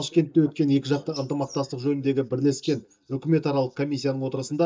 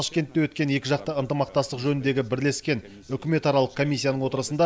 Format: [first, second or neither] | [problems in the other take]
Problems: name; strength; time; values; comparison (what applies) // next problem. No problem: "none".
second | noise reduction (neural mask model DeepFilterNet 3)